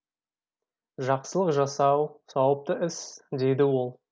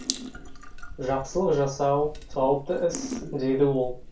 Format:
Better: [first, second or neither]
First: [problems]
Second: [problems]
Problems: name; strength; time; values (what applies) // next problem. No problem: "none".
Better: first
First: none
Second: background sound (Drip / Sink (filling or washing) / Water tap, faucet); 10 dB below the speech // room echo; dies away in 0.2 s